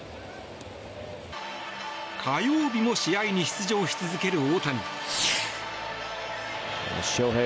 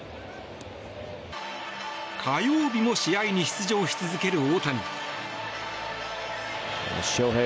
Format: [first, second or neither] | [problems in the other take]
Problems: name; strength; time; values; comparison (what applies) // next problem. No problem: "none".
second | background sound (Fireworks); 11 dB below the speech